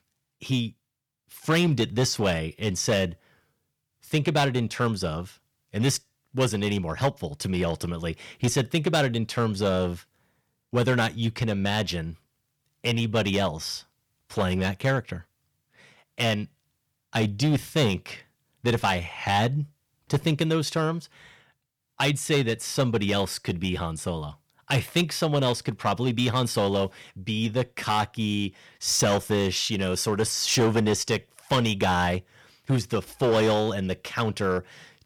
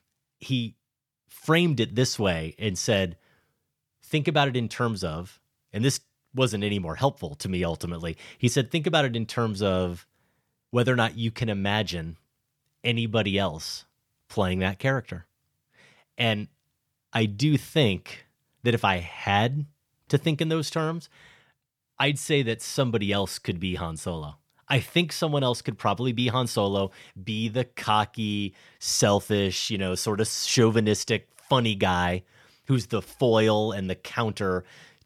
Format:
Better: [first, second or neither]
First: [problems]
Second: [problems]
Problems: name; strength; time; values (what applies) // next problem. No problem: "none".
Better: second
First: distortion; slight; 4% of the sound clipped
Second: none